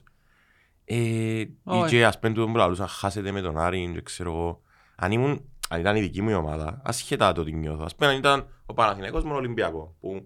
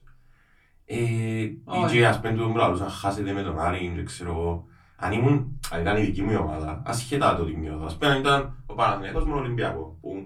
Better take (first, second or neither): first